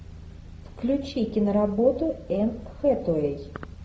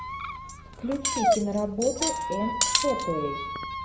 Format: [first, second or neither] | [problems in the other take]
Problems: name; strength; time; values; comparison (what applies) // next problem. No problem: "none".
first | background sound (Cutlery, silverware + Squeak); 1 dB above the speech